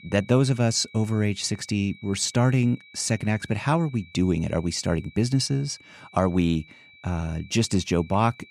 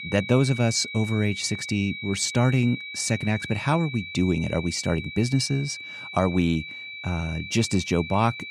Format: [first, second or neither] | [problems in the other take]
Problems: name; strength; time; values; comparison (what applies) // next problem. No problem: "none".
first | high-pitched whine; loud; throughout; 2.5 kHz, 10 dB below the speech; faint in the first